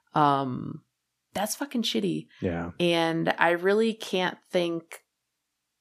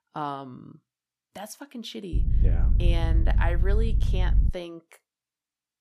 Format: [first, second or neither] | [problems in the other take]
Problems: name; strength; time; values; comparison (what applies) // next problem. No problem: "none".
first | low rumble; very faint; from 2 to 4.5 s; 8 dB below the speech